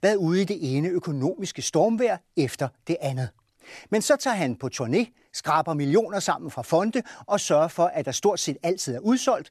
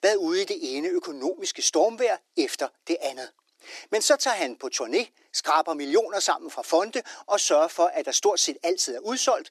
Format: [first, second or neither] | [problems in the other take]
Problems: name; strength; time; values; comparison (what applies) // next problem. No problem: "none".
first | thin; somewhat; fading below 300 Hz